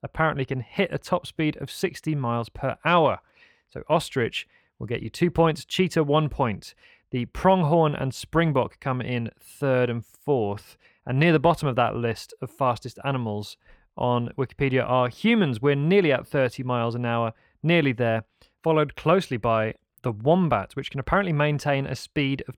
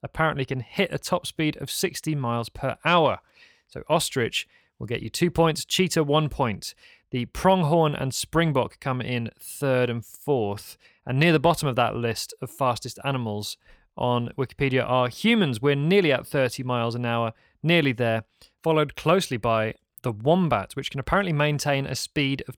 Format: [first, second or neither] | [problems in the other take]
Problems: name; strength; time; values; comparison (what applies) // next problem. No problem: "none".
second | muffled; slightly; fading above 3.5 kHz